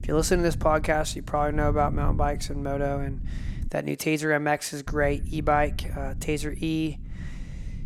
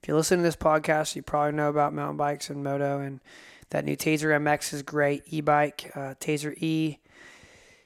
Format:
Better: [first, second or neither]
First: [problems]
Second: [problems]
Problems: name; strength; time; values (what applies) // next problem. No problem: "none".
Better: second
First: low rumble; faint; until 3.5 s and from 5 s on; 20 dB below the speech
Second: none